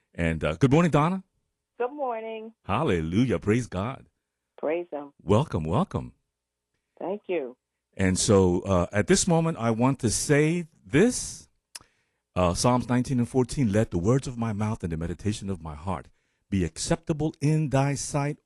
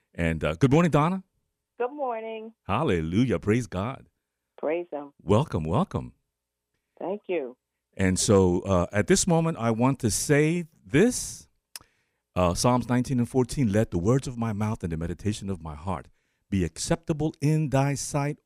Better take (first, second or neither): second